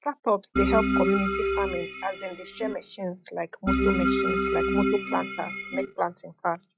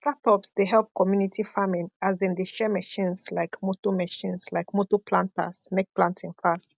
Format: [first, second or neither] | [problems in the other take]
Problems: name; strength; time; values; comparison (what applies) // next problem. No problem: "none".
second | noise reduction (classical method log-MMSE)